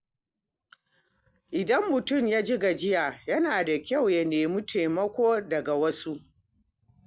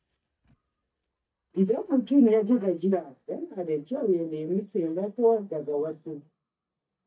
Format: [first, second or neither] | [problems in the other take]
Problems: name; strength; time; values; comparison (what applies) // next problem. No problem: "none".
first | noise reduction (neural mask model DeepFilterNet 3)